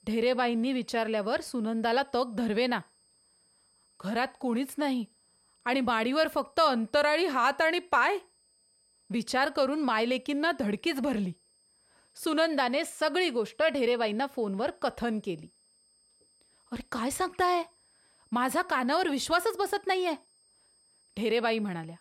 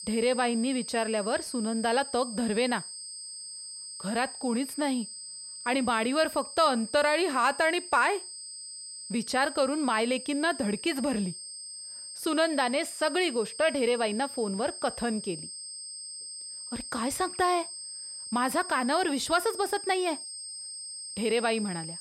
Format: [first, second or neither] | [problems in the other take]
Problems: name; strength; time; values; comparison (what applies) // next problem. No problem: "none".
first | high-pitched whine; loud; throughout; 8 kHz, 10 dB below the speech; faint in the first